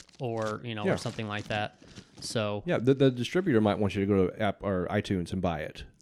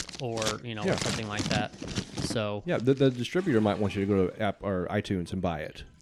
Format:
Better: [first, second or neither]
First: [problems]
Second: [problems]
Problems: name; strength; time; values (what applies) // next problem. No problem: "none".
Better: first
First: household noises; faint; throughout; 20 dB below the speech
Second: household noises; loud; throughout; 5 dB below the speech